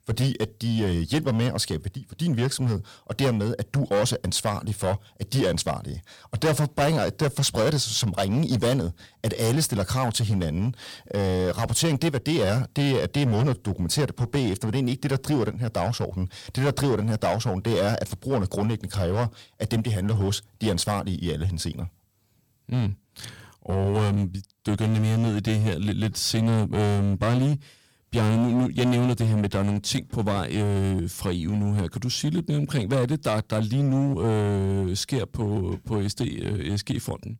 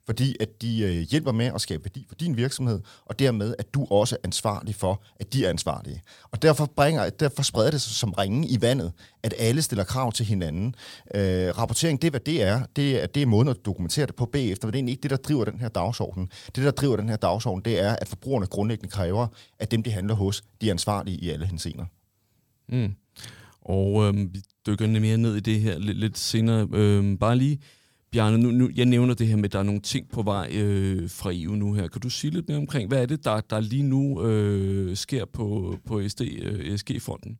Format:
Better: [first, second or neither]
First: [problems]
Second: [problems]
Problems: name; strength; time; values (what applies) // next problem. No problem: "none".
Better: second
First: distortion; slight; 11% of the sound clipped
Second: none